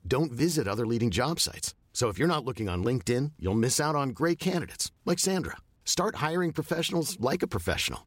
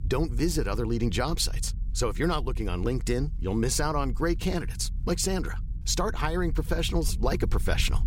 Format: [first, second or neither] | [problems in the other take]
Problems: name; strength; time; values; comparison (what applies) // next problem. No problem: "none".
first | low rumble; faint; throughout; 20 dB below the speech